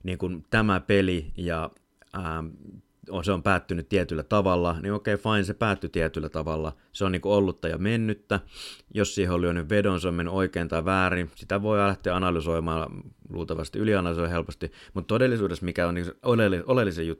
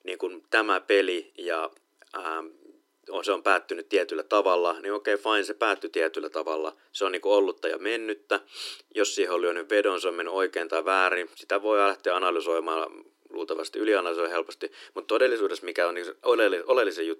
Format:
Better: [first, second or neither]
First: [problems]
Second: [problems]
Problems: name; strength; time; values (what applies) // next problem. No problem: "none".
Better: first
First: none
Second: thin; very; fading below 300 Hz